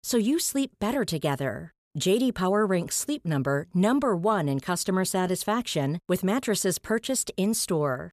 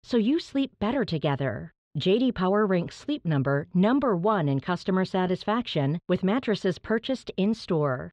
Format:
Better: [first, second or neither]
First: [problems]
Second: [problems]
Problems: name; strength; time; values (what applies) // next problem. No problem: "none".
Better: first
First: none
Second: muffled; slightly; fading above 3.5 kHz